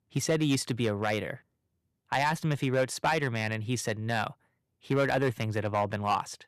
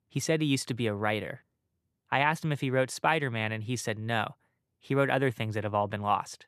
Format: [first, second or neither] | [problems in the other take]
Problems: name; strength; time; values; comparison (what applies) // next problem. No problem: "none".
second | distortion; slight; 3% of the sound clipped